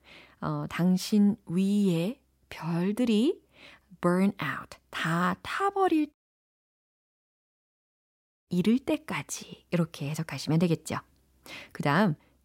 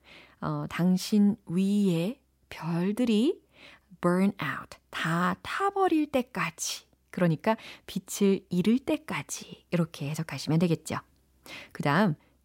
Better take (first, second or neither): second